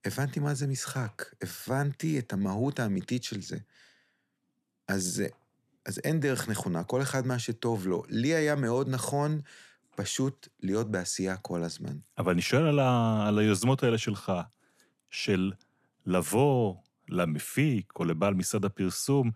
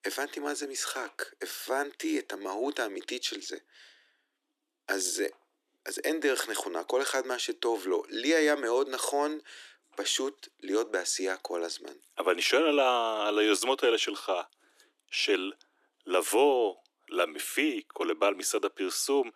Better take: first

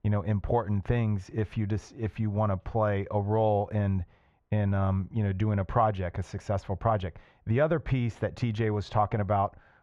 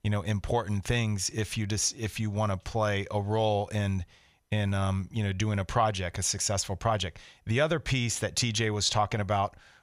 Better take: second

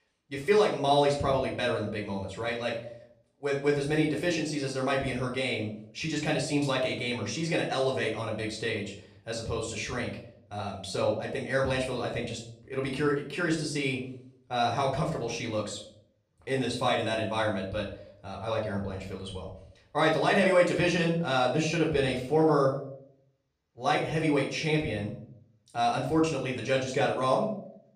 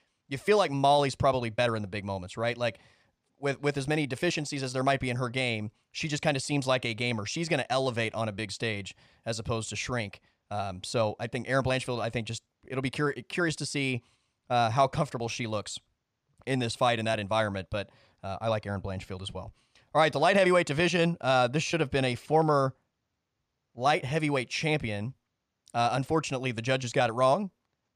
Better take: second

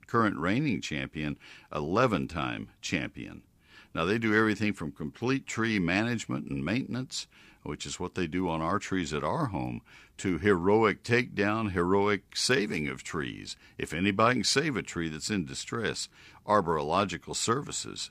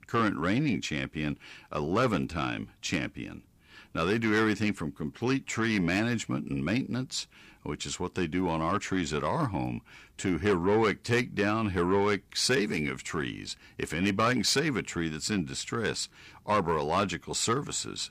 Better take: first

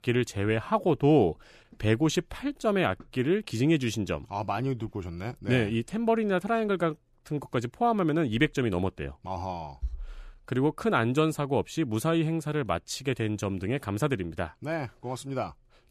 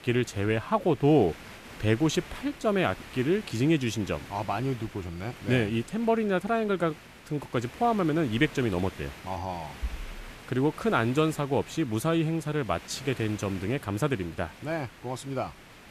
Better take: first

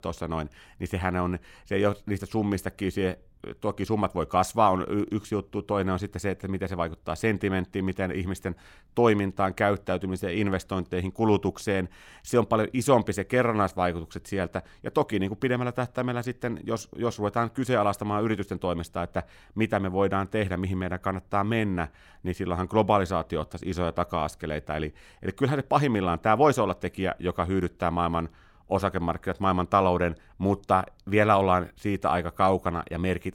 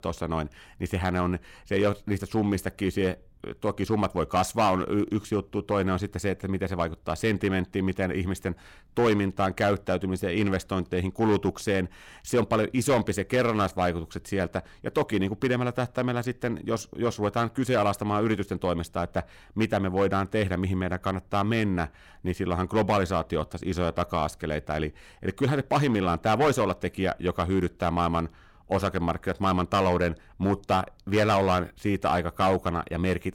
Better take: first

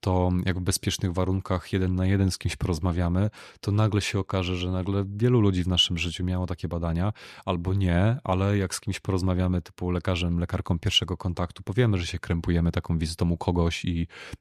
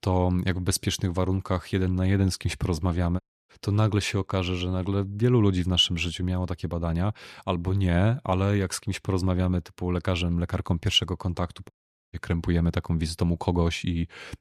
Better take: first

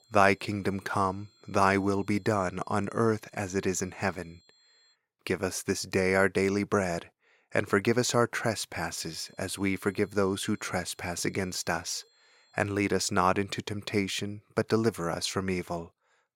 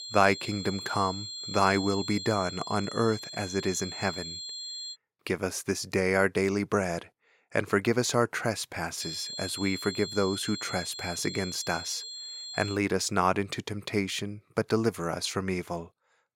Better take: first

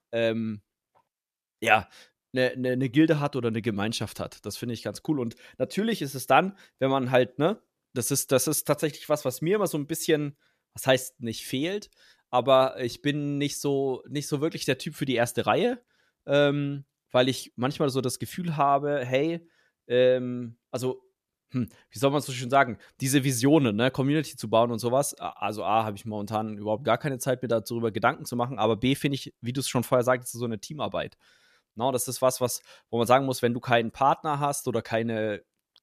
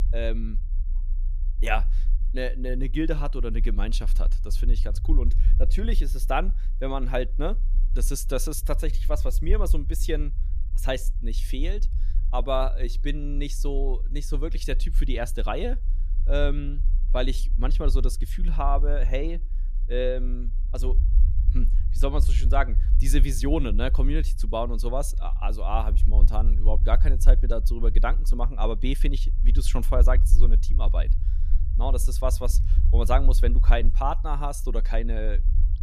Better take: first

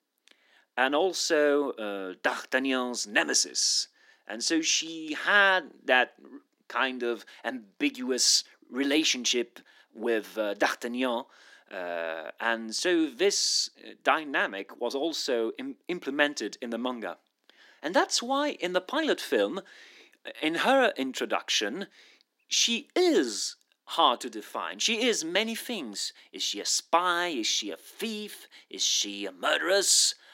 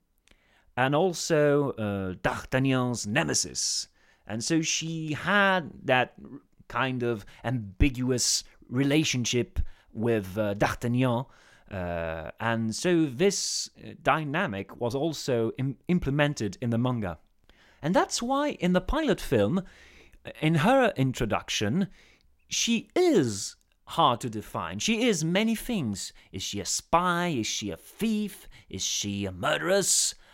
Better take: second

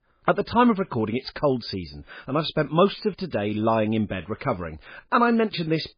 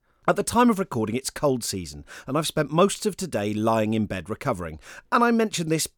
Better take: second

